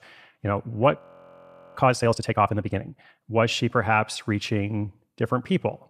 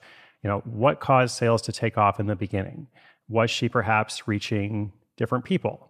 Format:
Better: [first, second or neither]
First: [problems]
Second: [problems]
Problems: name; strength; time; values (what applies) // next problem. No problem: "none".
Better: second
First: audio freezing; at 1 s for 1 s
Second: none